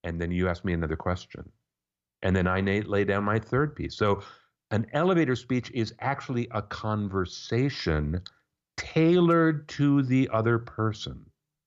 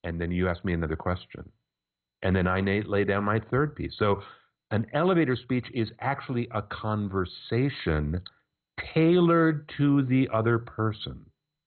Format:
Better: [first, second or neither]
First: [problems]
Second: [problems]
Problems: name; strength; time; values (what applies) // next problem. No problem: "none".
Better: first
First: none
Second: garbled, watery; badly; nothing above 4 kHz